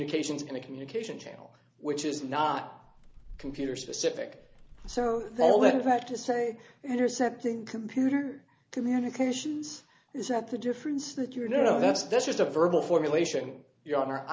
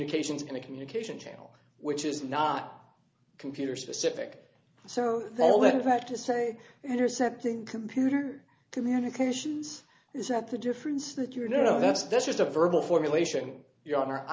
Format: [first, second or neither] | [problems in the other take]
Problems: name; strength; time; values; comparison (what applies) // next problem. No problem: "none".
second | background sound (Bird); 19 dB below the speech